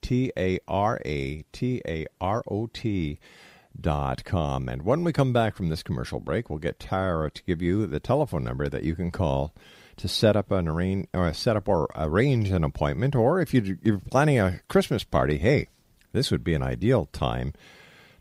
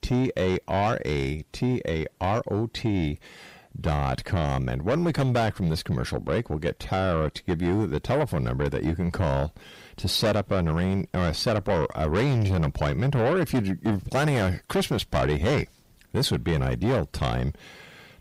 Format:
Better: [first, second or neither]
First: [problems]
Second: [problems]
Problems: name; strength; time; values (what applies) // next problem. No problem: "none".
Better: first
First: none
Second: distortion; heavy; 7 dB below the speech